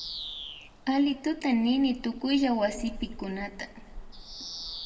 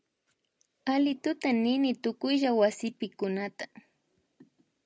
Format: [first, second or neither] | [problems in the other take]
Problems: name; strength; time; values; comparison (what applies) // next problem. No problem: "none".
second | background sound (Bird vocalization, bird call, bird song); 13 dB below the speech // room echo; dies away in 1.4 s